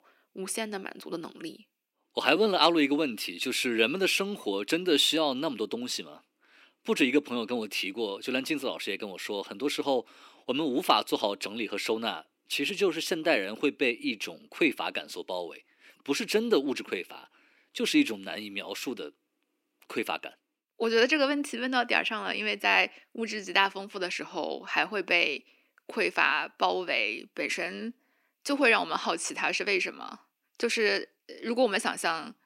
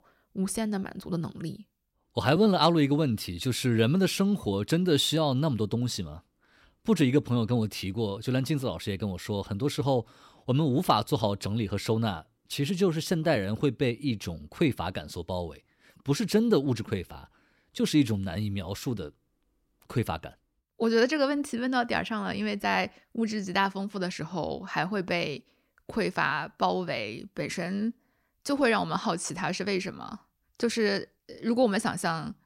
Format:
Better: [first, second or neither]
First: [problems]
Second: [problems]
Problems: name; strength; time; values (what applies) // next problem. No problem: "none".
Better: second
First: thin; very slightly; fading below 300 Hz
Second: none